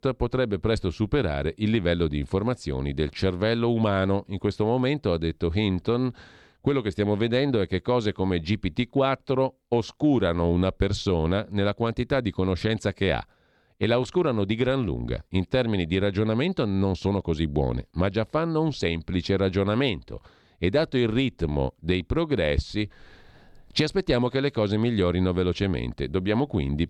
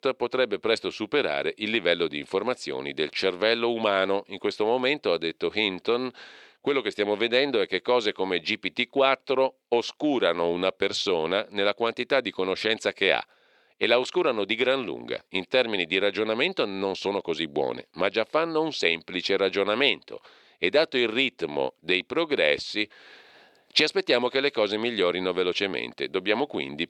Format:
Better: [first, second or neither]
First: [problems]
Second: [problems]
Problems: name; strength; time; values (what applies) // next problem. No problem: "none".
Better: first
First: none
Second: thin; somewhat; fading below 450 Hz